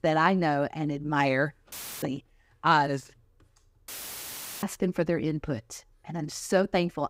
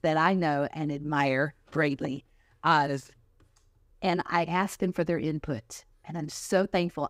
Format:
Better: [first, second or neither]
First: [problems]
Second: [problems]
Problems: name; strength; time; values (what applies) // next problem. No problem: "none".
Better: second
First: audio cutting out; filled with static; at 1.5 s and at 4 s for 1 s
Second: none